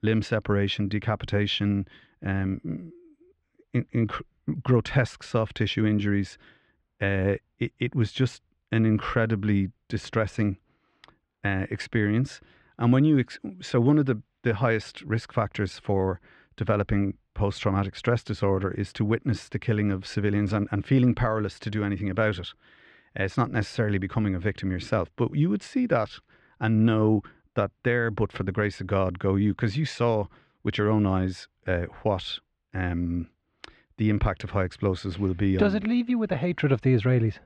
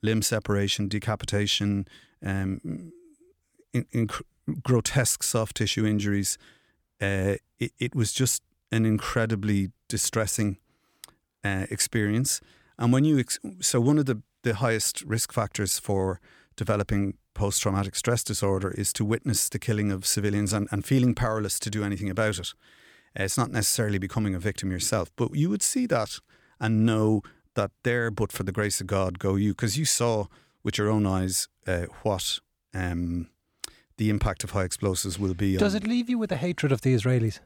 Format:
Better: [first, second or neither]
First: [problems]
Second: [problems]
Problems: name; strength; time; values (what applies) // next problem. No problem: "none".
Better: second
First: muffled; very; fading above 3 kHz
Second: none